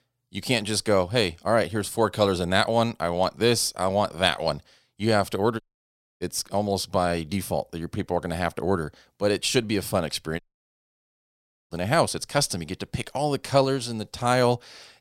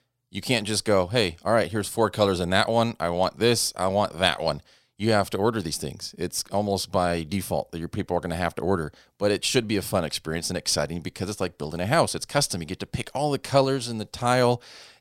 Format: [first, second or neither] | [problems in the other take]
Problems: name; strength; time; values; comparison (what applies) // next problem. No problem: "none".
second | audio cutting out; at 5.5 s for 0.5 s and at 10 s for 1.5 s